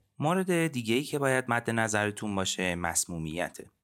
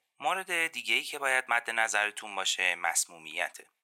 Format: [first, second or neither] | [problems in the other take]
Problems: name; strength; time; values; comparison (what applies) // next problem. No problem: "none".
first | thin; very; fading below 800 Hz